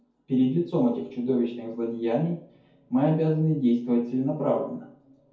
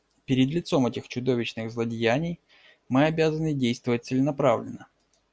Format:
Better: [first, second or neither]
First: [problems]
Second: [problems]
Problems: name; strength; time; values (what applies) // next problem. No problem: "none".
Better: second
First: room echo; dies away in 0.6 s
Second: none